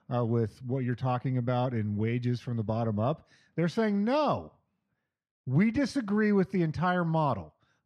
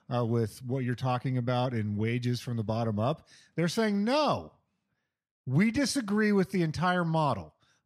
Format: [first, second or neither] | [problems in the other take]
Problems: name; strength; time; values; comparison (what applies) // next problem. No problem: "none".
second | muffled; slightly; fading above 2 kHz